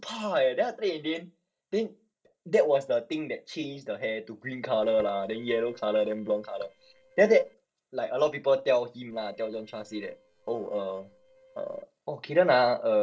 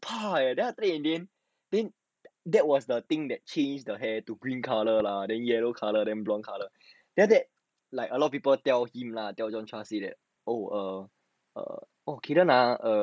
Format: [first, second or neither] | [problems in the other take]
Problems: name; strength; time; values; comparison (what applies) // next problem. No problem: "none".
second | noise reduction (neural separator model SepFormer DNS4)